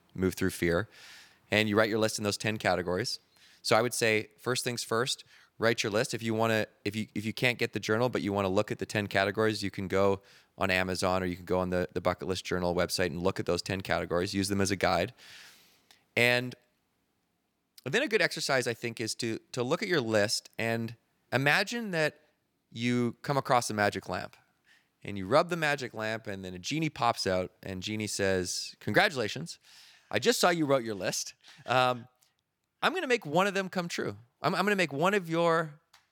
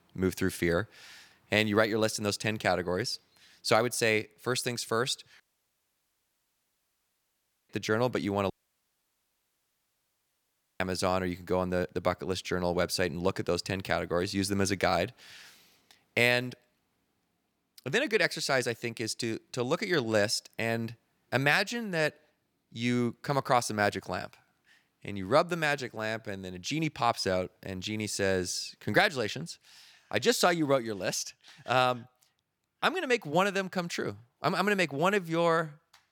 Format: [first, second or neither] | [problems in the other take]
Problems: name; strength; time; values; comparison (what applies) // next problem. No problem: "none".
first | audio cutting out; at 5.5 s for 2.5 s and at 8.5 s for 2.5 s